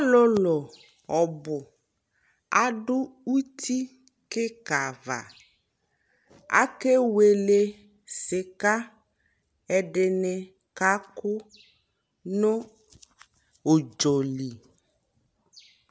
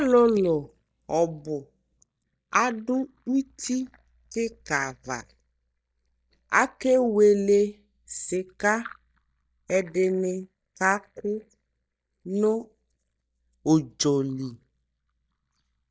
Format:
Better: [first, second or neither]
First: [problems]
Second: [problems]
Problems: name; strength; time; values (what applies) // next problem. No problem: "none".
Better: first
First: none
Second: noise reduction (neural mask model DeepFilterNet 3)